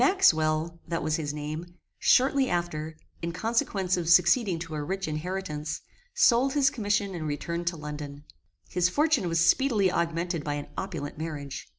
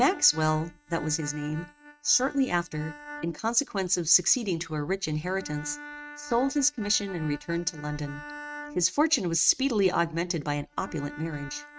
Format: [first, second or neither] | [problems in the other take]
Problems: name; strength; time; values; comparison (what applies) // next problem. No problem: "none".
first | noise reduction (neural mask model RNNoise)